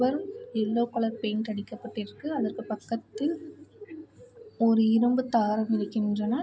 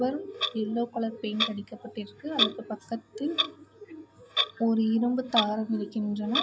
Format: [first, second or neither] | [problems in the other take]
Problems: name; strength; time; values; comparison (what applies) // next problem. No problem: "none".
first | background sound (Clock); 4 dB below the speech